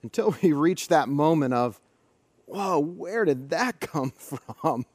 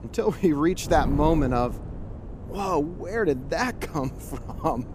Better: first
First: none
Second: wind noise on the microphone; occasional gusts; 15 dB below the speech

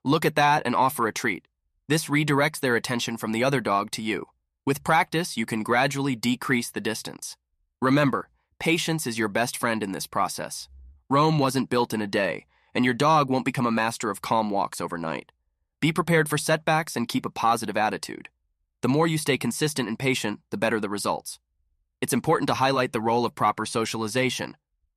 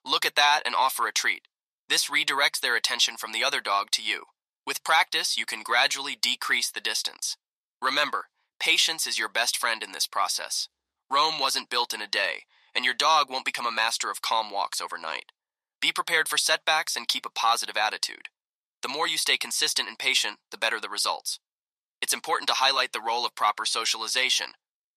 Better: first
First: none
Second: thin; very; fading below 900 Hz

